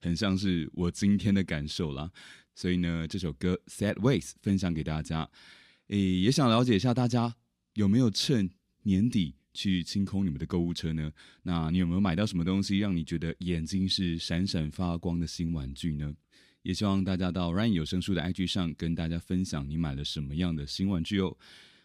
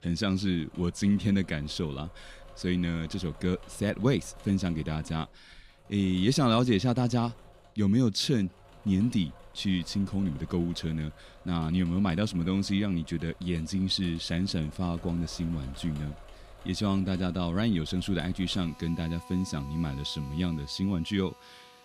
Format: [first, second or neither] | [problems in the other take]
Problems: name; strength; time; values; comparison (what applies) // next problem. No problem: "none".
first | machinery noise; faint; throughout; 20 dB below the speech